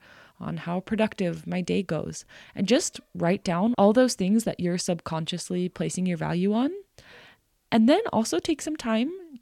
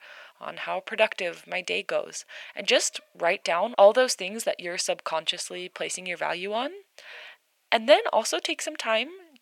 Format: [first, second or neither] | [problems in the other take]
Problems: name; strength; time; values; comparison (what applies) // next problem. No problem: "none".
first | thin; very; fading below 700 Hz